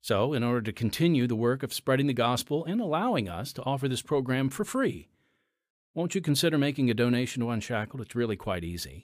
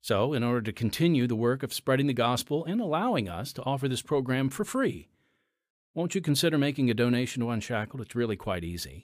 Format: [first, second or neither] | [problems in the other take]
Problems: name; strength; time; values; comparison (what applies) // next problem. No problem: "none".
neither | none